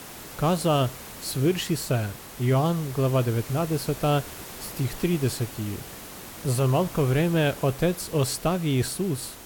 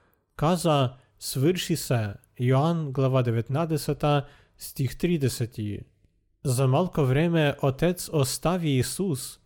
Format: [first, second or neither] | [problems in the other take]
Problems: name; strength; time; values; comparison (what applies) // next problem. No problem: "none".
second | hiss; noticeable; throughout; 15 dB below the speech